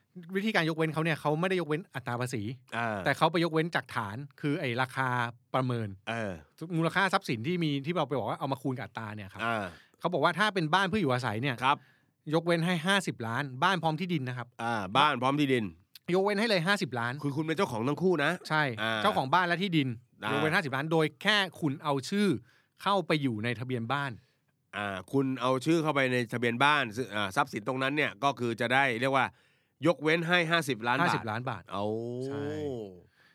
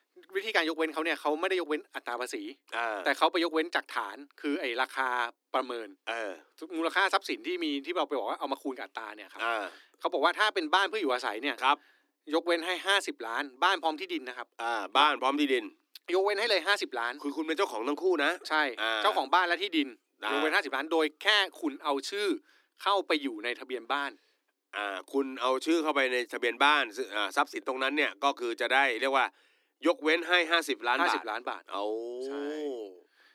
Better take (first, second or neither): first